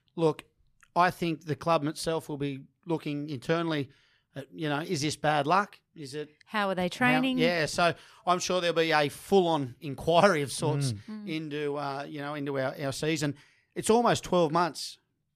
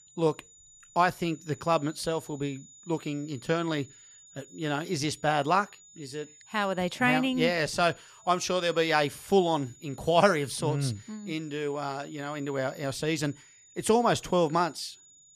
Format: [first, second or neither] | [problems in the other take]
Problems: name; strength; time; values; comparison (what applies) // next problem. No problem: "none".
first | high-pitched whine; faint; throughout; 7 kHz, 25 dB below the speech